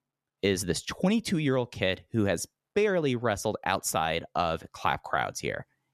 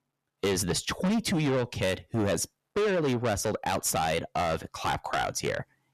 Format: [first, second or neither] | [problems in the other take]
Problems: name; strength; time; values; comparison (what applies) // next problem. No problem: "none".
first | distortion; heavy; 6 dB below the speech